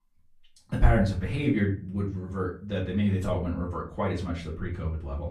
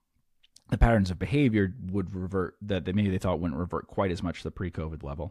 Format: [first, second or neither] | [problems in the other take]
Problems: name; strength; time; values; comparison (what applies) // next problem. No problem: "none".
second | room echo; slight; dies away in 0.3 s // off-mic speech; far